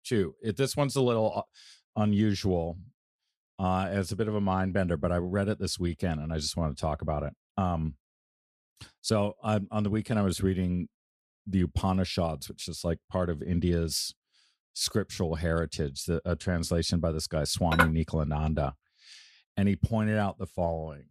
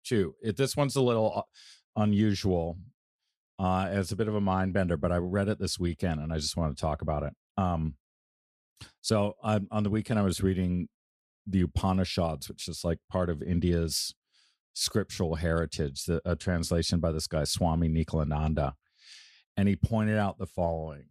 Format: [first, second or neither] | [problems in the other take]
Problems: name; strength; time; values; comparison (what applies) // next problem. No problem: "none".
second | clattering dishes; loud; at 18 s; peak 3 dB above the speech